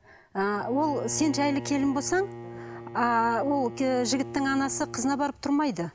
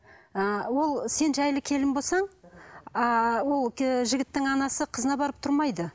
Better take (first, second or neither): second